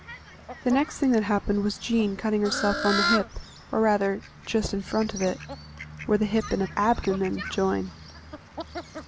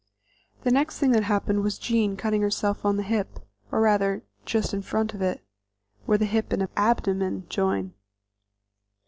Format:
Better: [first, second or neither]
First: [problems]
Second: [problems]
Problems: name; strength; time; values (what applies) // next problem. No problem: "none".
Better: second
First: background sound (Fowl); 9 dB below the speech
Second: none